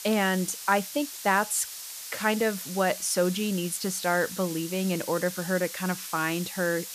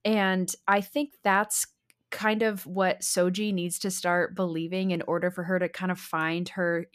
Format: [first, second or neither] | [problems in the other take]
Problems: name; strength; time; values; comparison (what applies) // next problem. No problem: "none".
second | hiss; loud; throughout; 9 dB below the speech